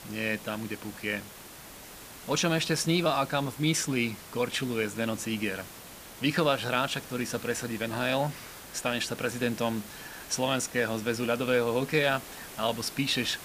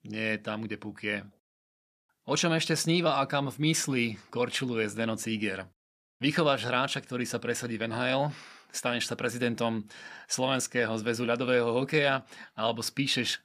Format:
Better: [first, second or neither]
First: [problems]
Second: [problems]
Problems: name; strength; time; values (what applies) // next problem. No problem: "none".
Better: second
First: hiss; noticeable; throughout; 15 dB below the speech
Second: none